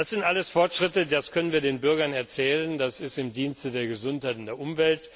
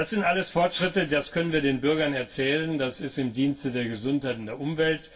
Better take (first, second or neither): first